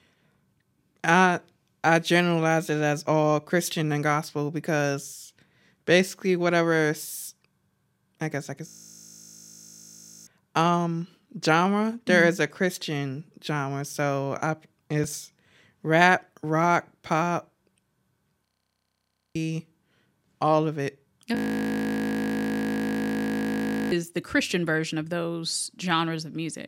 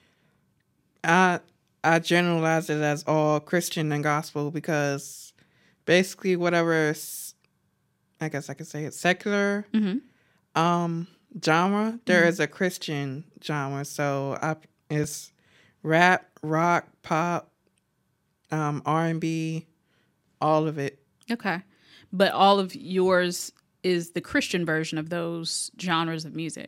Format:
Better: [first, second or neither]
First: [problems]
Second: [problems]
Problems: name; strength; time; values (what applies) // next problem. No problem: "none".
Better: second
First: audio freezing; at 8.5 s for 1.5 s, at 18 s for 1 s and at 21 s for 2.5 s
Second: none